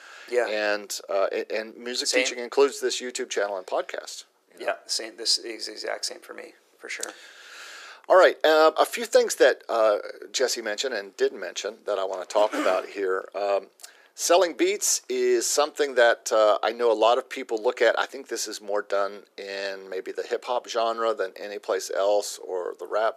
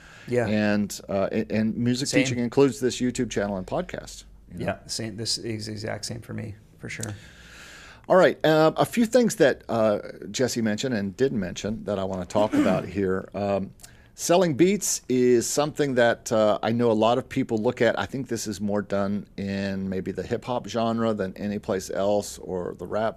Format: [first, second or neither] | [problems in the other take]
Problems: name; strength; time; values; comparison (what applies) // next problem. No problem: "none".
second | thin; very; fading below 400 Hz